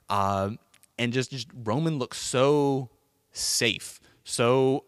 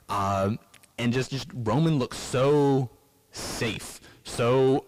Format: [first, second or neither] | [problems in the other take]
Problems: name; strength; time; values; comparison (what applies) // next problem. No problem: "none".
first | distortion; heavy; 5 dB below the speech